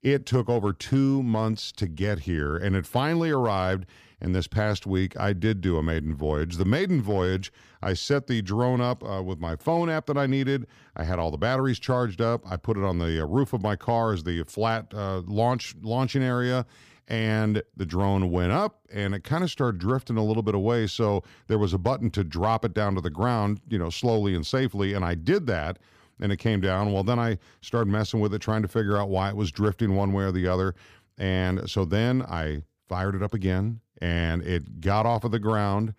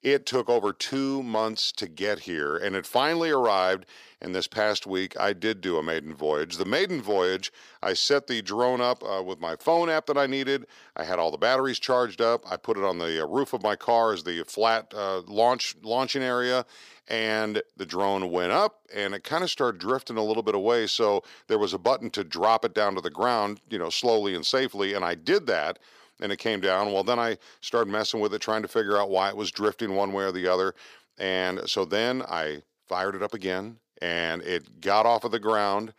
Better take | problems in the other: first | thin; somewhat; fading below 450 Hz

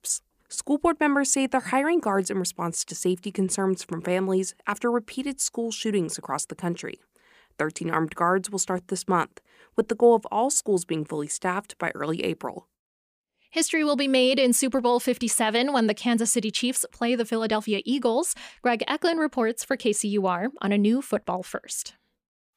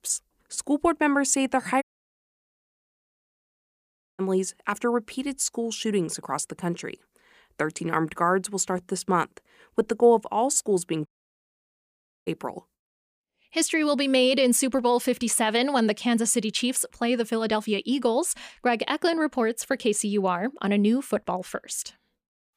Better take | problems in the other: first | audio cutting out; at 2 s for 2.5 s and at 11 s for 1 s

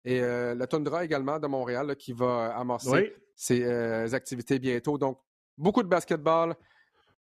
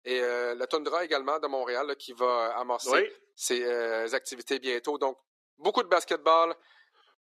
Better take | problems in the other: first | thin; very; fading below 350 Hz

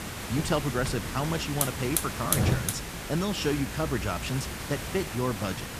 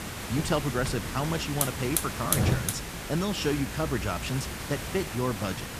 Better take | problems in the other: neither | hiss; loud; throughout; 1 dB below the speech; the same in both

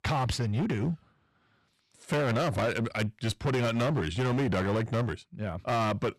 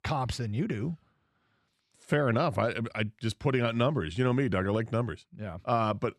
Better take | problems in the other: second | distortion; heavy; 17% of the sound clipped

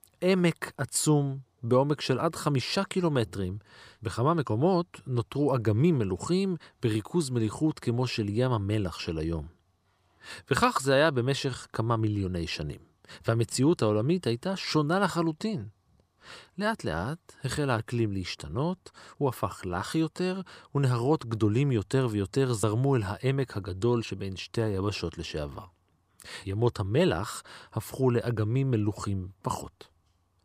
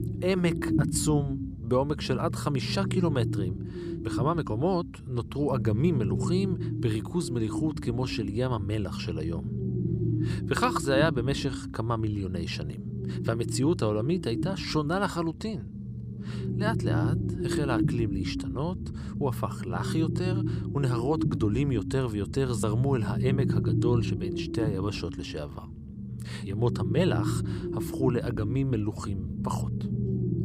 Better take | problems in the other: first | low rumble; loud; throughout; 7 dB below the speech

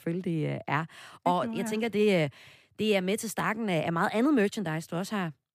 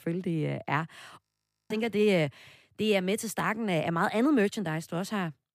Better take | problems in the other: first | audio freezing; at 1 s

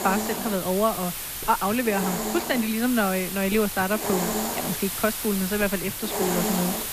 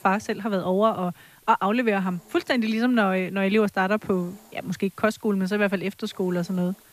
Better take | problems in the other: second | hiss; loud; throughout; 2 dB below the speech; faint in the second

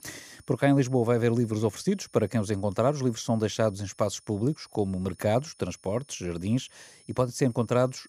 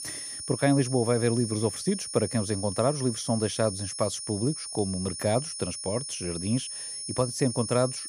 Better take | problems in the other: first | high-pitched whine; loud; throughout; 9.5 kHz, 6 dB below the speech; faint in the first

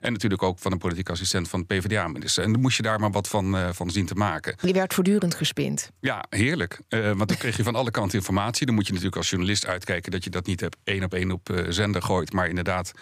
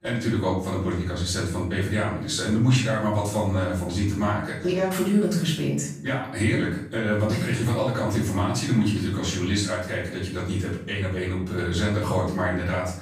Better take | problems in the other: first | off-mic speech; far // room echo; noticeable; dies away in 0.6 s

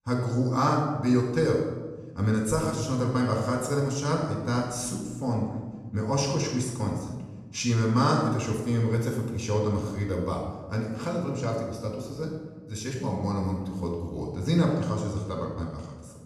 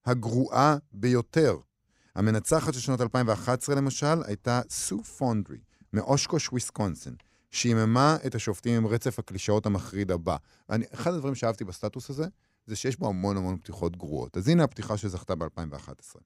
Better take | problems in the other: second | off-mic speech; somewhat distant // room echo; noticeable; dies away in 1 s

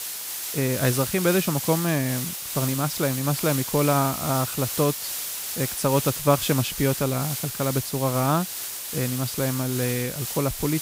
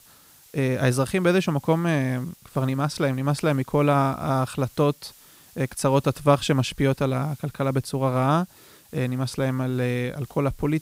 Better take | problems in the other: second | hiss; loud; throughout; 4 dB below the speech; faint in the second

